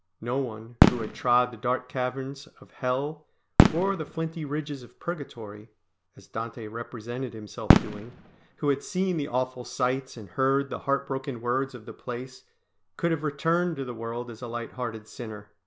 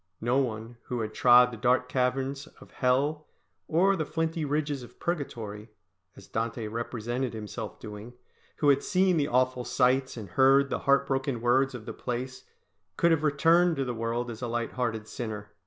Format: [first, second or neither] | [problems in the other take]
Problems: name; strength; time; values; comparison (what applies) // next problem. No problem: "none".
second | background sound (Fireworks); 2 dB above the speech